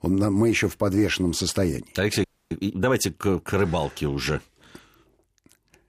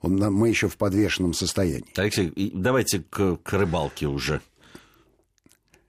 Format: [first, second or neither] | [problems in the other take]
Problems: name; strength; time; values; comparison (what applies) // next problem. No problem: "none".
second | audio freezing; at 2 s